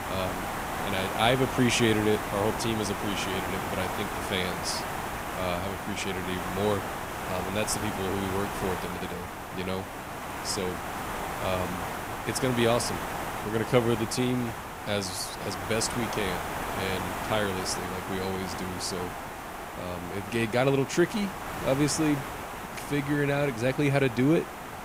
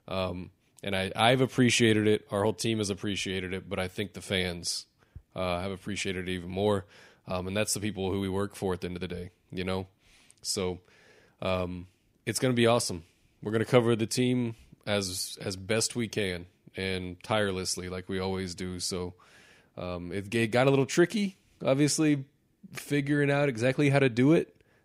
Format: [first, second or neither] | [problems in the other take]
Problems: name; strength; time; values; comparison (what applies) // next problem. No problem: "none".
second | hiss; loud; throughout; 5 dB below the speech